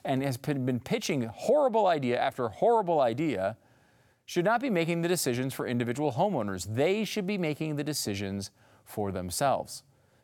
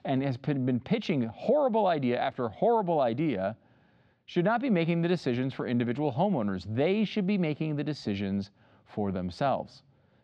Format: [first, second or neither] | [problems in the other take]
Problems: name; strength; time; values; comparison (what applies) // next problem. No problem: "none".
first | muffled; slightly; fading above 4 kHz